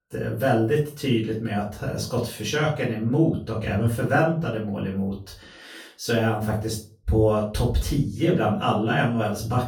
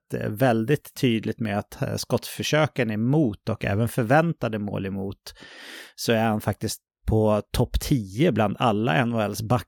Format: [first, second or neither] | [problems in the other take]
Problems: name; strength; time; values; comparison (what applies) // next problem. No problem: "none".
second | off-mic speech; far // room echo; slight; dies away in 0.3 s